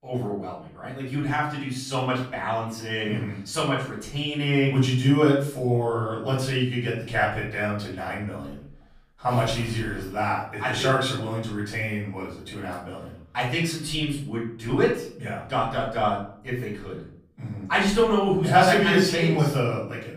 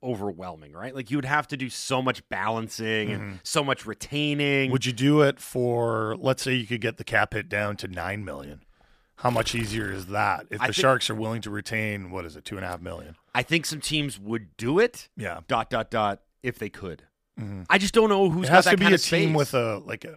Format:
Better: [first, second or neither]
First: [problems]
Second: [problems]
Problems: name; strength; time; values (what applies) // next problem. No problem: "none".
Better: second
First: off-mic speech; far // room echo; noticeable; dies away in 0.5 s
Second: none